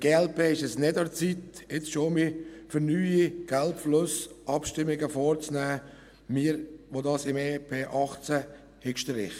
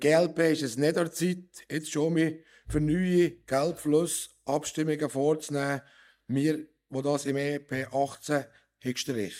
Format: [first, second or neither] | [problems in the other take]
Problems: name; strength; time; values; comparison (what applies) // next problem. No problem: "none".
first | noise reduction (neural mask model DeepFilterNet 3)